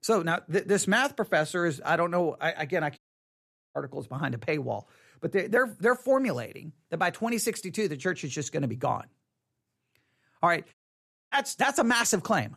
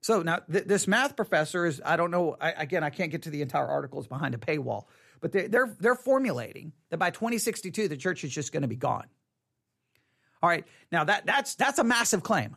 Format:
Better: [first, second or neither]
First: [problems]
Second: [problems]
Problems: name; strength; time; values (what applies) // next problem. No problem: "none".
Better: second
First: audio cutting out; at 3 s for 1 s and at 11 s for 0.5 s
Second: none